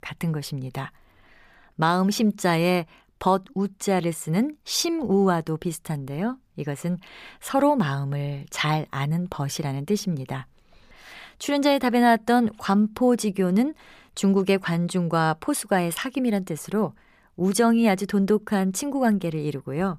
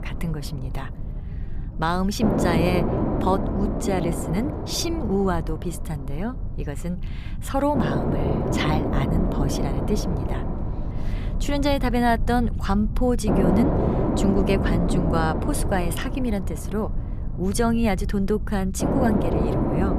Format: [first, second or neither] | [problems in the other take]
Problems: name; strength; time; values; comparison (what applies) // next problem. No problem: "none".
first | low rumble; loud; throughout; 2 dB below the speech